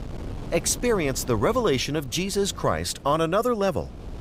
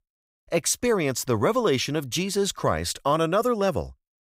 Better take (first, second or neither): second